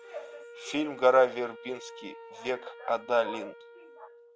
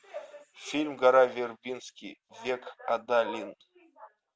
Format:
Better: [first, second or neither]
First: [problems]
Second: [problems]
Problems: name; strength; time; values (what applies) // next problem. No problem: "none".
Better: second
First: background sound (Wind instrument, woodwind instrument); 18 dB below the speech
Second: none